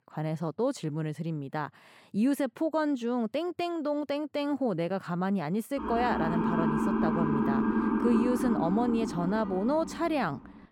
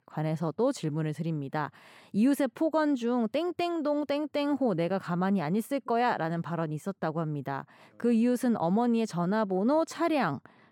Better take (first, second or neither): second